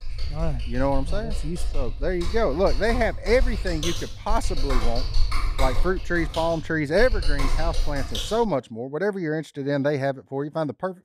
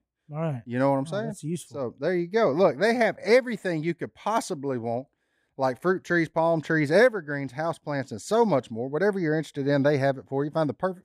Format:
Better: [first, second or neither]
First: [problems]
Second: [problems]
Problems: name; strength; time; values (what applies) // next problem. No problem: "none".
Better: second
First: keyboard typing; noticeable; until 8.5 s; peak 1 dB below the speech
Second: none